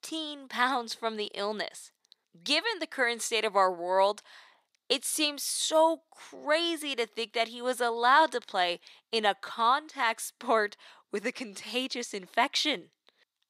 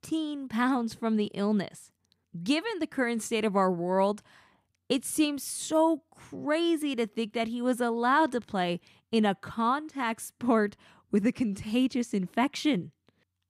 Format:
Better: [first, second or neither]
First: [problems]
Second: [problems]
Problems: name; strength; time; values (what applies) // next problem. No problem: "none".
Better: second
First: thin; very; fading below 600 Hz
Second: none